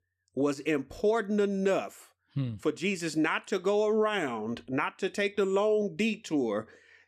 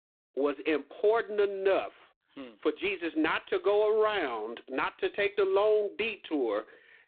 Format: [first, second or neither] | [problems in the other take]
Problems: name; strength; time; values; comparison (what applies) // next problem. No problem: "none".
first | phone-call audio; poor line; nothing above 3.5 kHz